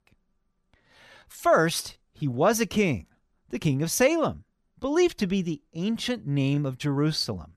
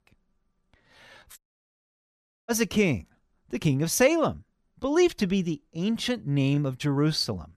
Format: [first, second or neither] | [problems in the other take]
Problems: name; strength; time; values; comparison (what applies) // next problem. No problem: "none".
first | audio cutting out; at 1.5 s for 1 s